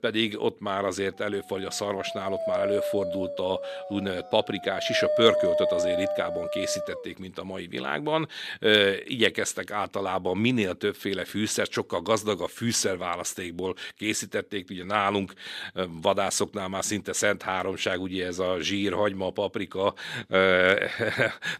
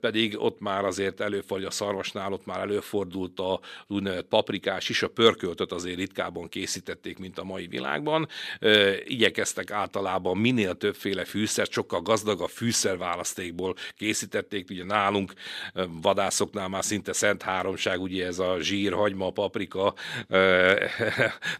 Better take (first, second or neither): second